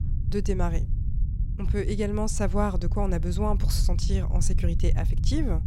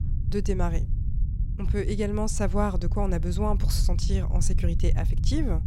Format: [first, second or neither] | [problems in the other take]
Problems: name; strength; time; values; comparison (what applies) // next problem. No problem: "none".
neither | low rumble; noticeable; throughout; 10 dB below the speech; the same in both